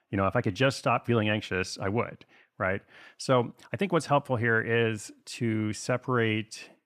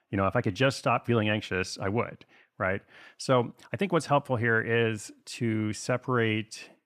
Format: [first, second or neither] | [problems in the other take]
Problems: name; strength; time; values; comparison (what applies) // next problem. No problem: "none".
neither | none